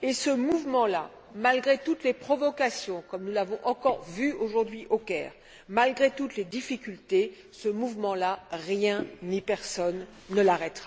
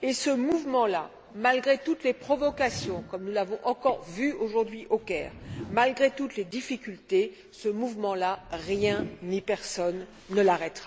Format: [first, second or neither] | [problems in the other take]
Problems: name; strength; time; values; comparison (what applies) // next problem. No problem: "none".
first | background sound (Whoosh, swoosh, swish); 18 dB below the speech